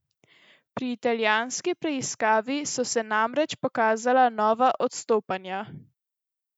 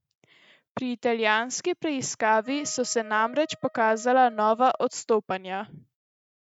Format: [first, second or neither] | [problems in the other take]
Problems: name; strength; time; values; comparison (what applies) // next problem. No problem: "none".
first | noise reduction (neural mask model RNNoise)